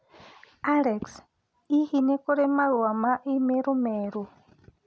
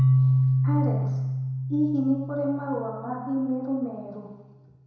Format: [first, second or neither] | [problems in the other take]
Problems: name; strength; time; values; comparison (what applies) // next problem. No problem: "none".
first | background sound (Keyboard (musical)); 3 dB above the speech // room echo; dies away in 1 s